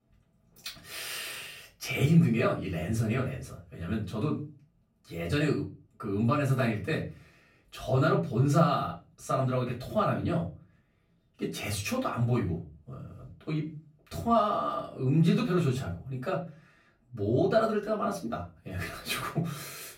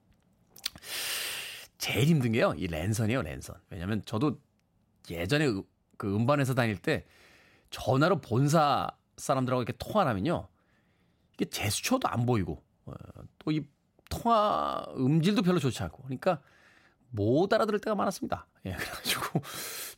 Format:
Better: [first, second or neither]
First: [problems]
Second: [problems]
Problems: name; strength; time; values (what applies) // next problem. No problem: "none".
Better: second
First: off-mic speech; far // room echo; slight; dies away in 0.3 s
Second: none